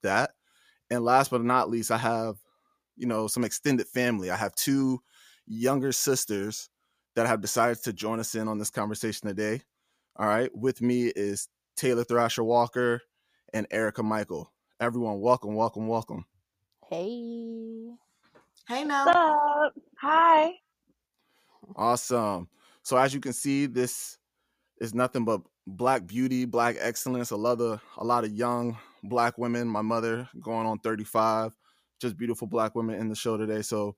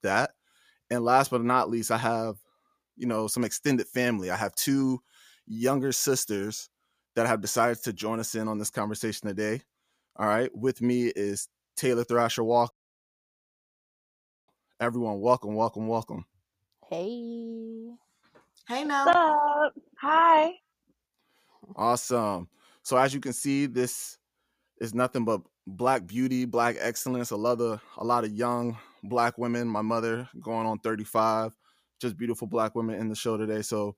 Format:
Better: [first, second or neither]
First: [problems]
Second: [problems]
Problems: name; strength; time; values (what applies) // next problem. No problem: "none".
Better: first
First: none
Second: audio cutting out; at 13 s for 2 s